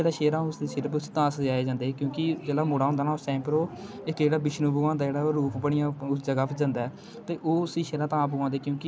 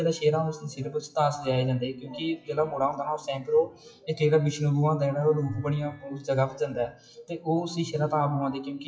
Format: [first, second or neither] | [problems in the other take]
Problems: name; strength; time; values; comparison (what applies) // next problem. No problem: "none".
first | noise reduction (classical method WPE with log-MMSE)